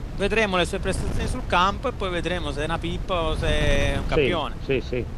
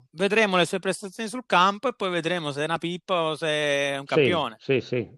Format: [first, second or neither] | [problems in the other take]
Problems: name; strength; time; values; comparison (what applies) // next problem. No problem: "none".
second | wind noise on the microphone; occasional gusts; 15 dB below the speech